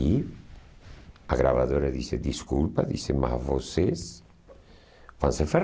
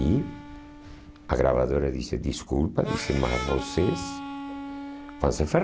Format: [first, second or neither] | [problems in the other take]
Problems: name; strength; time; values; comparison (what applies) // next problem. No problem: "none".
first | background sound (Harmonica); 11 dB below the speech